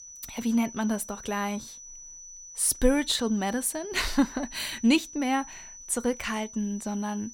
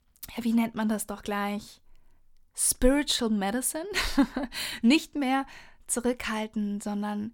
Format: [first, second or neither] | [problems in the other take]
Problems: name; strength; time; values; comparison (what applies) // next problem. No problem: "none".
second | high-pitched whine; noticeable; throughout; 6 kHz, 15 dB below the speech